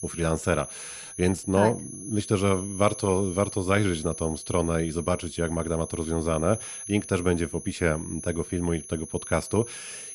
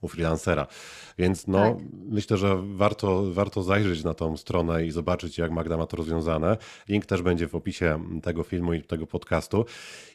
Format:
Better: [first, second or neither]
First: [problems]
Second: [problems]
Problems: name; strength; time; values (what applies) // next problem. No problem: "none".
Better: second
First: high-pitched whine; noticeable; throughout; 10.5 kHz, 10 dB below the speech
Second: none